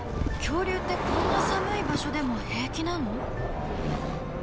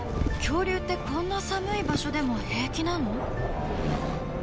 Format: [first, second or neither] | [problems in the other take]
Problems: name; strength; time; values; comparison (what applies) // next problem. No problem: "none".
second | background sound (Motor vehicle (road)); 4 dB below the speech